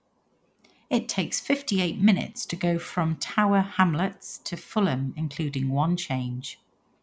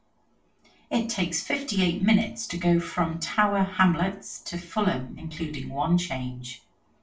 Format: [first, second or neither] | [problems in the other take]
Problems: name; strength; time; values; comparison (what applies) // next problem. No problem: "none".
first | room echo; dies away in 0.3 s